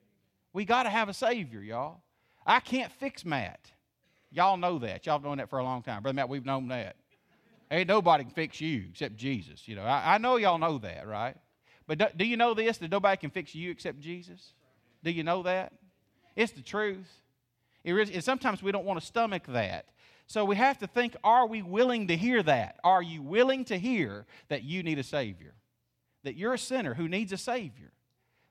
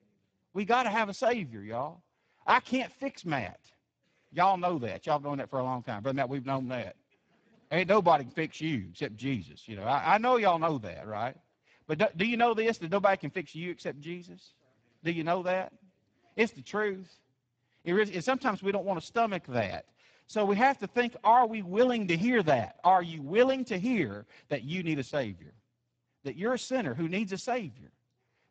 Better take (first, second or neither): first